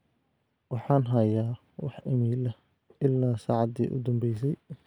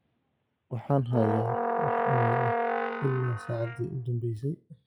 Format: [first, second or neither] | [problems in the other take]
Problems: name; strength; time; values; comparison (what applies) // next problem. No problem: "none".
first | noise reduction (classical method log-MMSE)